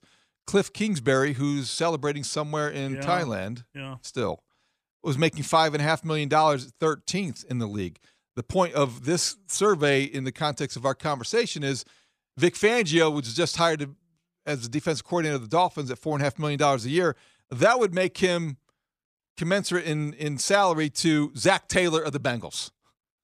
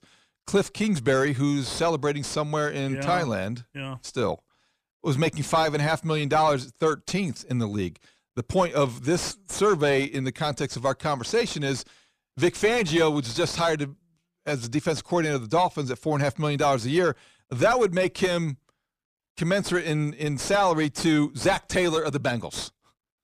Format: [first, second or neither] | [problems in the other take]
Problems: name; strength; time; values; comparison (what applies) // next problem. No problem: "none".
first | distortion; slight; 10 dB below the speech